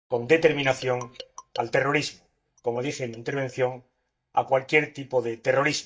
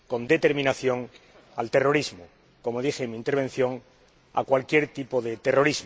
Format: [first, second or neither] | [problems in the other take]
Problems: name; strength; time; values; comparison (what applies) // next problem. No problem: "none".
second | noise reduction (neural mask model DeepFilterNet 3)